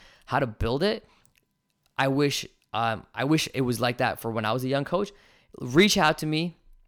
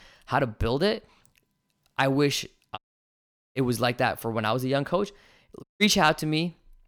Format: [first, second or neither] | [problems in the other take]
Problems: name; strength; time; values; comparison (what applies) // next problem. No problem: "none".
first | audio cutting out; at 3 s for 1 s and at 5.5 s